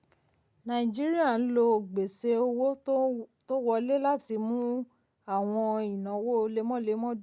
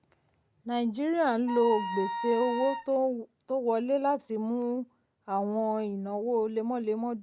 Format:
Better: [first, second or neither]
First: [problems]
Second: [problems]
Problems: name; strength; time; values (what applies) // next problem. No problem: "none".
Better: first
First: none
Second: background sound (Wind instrument, woodwind instrument); 6 dB below the speech